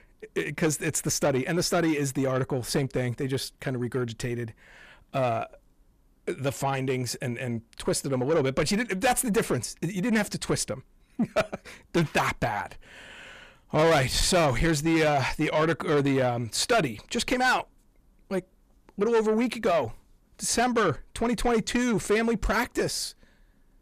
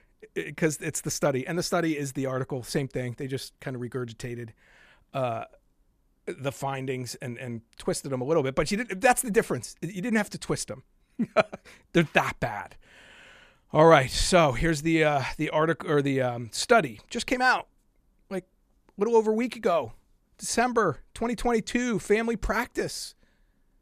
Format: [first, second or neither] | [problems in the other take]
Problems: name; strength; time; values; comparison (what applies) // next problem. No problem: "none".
second | distortion; heavy; 7 dB below the speech